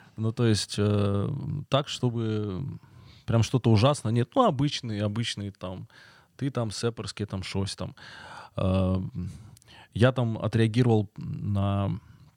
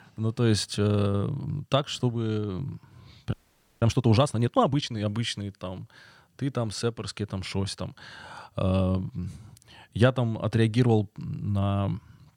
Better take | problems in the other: first | audio freezing; at 3.5 s

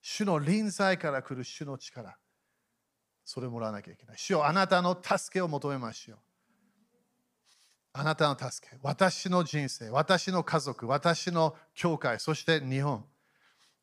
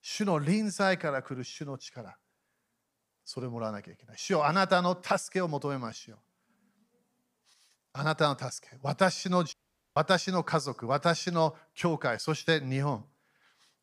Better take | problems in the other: first | audio cutting out; at 9.5 s

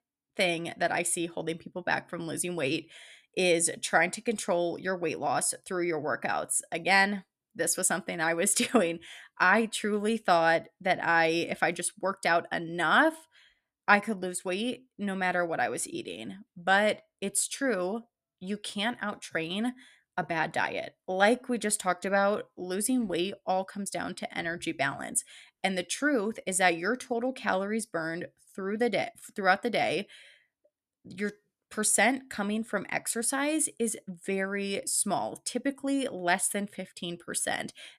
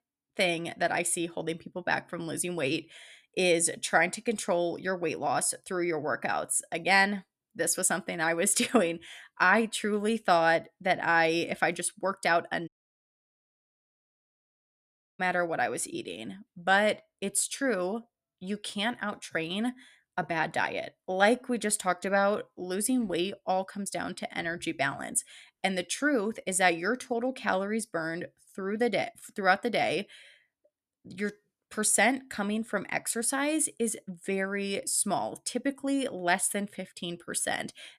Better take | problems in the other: first | audio cutting out; at 13 s for 2.5 s

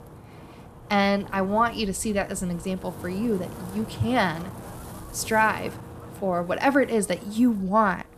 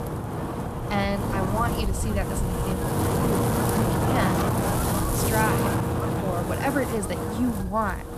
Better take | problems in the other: first | wind noise on the microphone; heavy; 1 dB above the speech; occasional gusts in the first

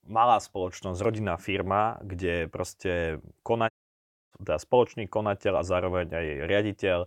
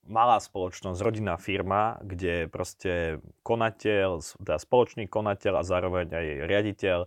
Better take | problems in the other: second | audio cutting out; at 3.5 s for 0.5 s

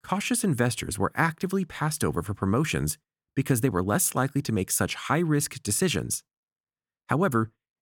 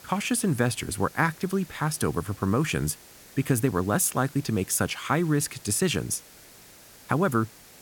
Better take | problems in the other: first | hiss; faint; throughout; 20 dB below the speech

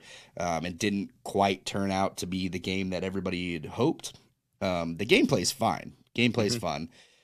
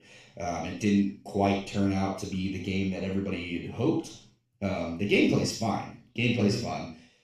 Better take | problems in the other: first | room echo; noticeable; dies away in 0.4 s // off-mic speech; far

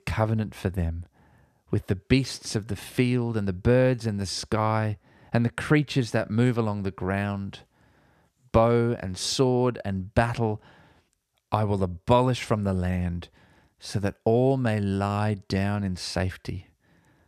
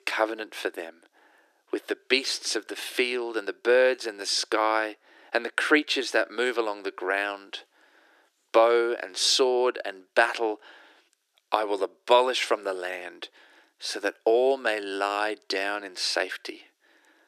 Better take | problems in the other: first | thin; very; fading below 300 Hz

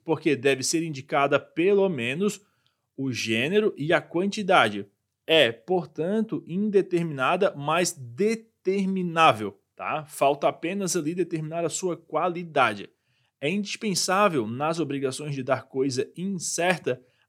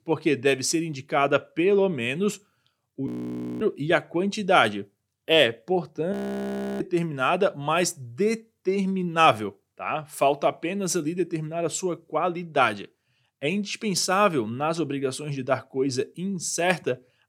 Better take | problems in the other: first | audio freezing; at 3 s for 0.5 s and at 6 s for 0.5 s

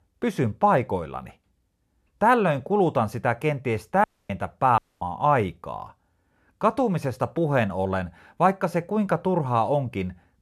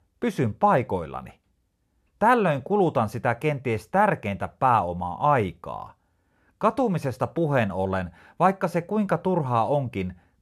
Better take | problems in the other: second | audio cutting out; at 4 s and at 5 s

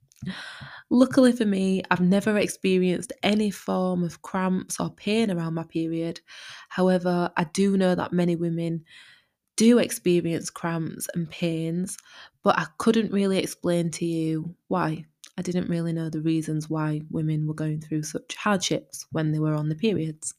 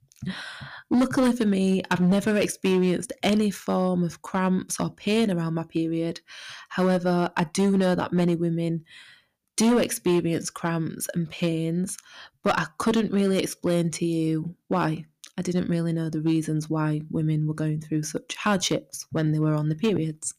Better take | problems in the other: first | distortion; slight; 4% of the sound clipped

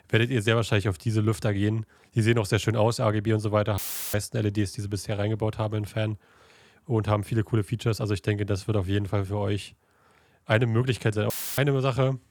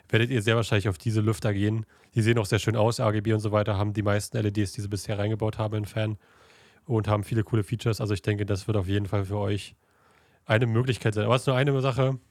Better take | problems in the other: second | audio cutting out; filled with static; at 4 s and at 11 s

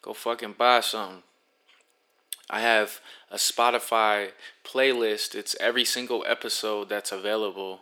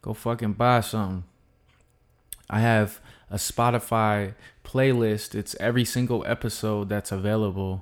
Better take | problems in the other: second | thin; very; fading below 350 Hz

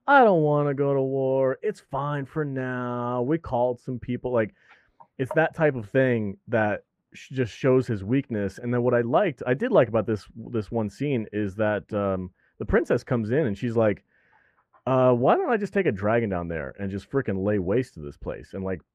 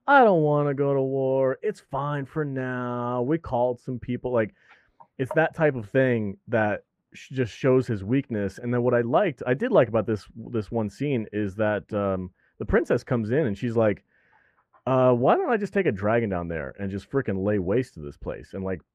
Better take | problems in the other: neither | muffled; very; fading above 3.5 kHz; the same in both

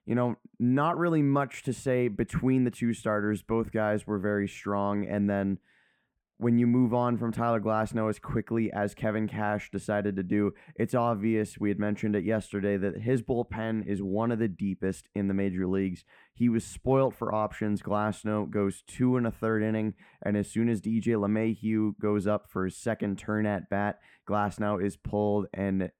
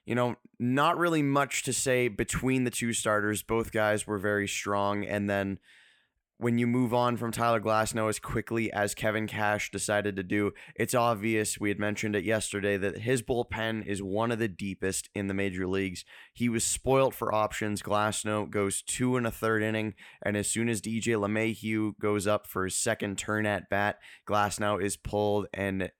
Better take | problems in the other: second | muffled; slightly; fading above 2 kHz

